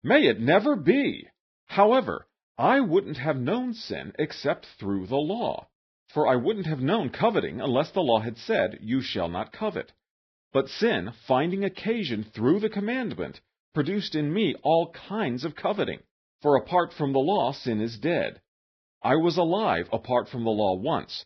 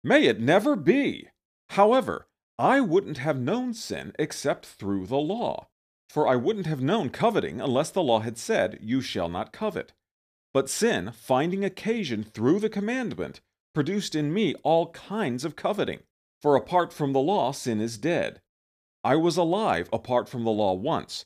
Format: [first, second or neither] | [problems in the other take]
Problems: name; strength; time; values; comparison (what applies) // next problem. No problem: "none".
second | garbled, watery; badly; nothing above 5.5 kHz